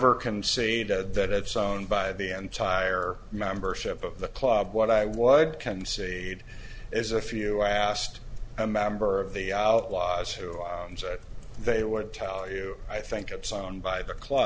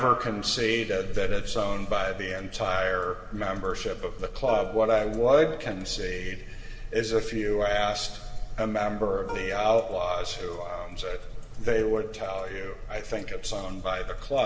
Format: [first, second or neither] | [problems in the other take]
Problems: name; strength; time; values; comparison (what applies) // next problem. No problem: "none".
first | background sound (Plucked string instrument); 16 dB below the speech // room echo; dies away in 1.6 s